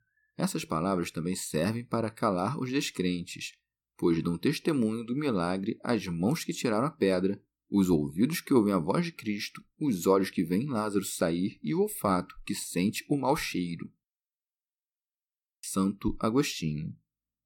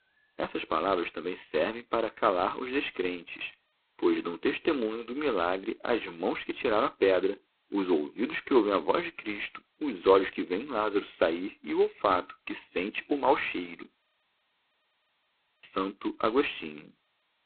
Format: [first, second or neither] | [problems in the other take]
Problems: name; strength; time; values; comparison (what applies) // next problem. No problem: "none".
first | phone-call audio; poor line; nothing above 4 kHz